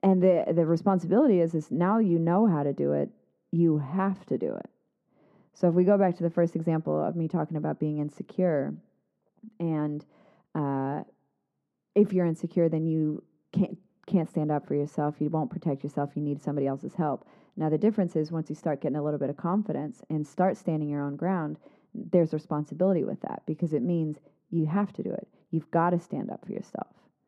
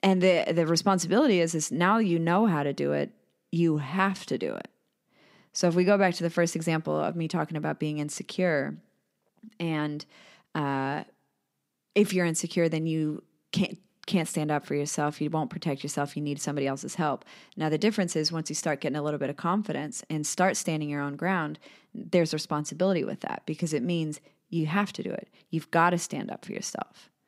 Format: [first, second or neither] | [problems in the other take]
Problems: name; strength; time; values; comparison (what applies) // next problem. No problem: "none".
second | muffled; very; fading above 1.5 kHz